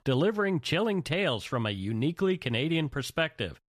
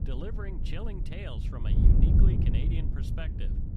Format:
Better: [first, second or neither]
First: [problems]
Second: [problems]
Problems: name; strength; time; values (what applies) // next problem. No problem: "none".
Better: first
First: none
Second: wind noise on the microphone; heavy; 2 dB above the speech